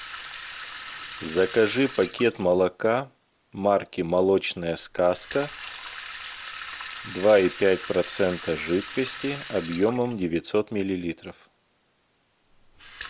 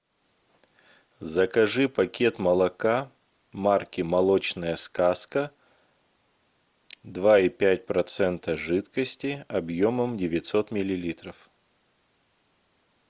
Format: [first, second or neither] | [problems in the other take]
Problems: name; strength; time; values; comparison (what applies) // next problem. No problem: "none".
second | background sound (Sink (filling or washing) / Water tap, faucet); 15 dB below the speech